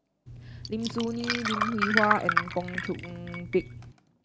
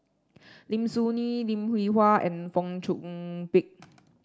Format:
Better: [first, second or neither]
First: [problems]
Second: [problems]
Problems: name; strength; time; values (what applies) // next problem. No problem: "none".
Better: second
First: background sound (Glass); as loud as the speech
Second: none